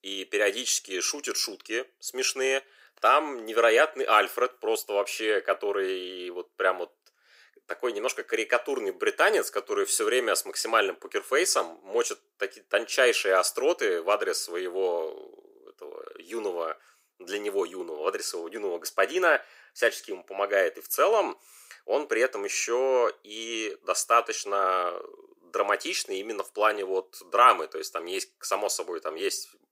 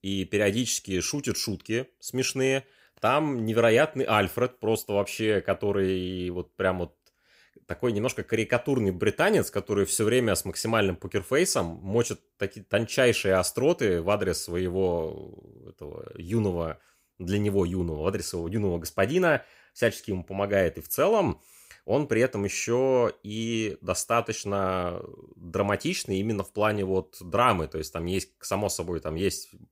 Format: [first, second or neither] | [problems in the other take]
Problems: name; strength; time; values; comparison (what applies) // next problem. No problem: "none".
second | thin; very; fading below 350 Hz